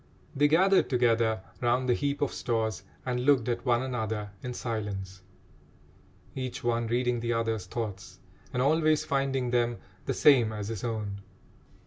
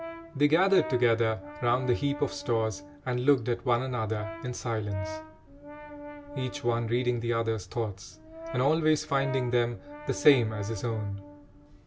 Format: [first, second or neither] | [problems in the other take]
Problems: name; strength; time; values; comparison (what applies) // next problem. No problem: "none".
first | background sound (Brass instrument); 14 dB below the speech